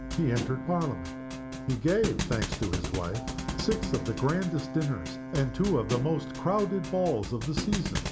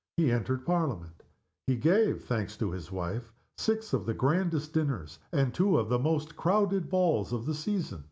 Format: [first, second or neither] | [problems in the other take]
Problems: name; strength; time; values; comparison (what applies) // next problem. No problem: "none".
second | background sound (Brass instrument + Thump, thud); 5 dB below the speech